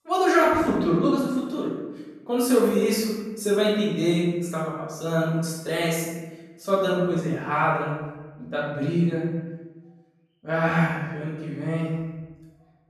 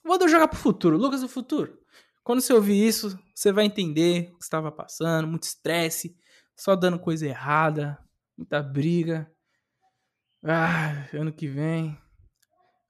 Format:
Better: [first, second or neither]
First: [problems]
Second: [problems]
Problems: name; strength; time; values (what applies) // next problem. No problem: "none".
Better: second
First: room echo; noticeable; dies away in 1 s // off-mic speech; far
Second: none